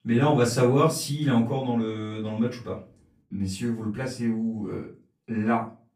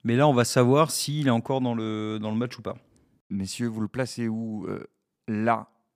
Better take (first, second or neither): second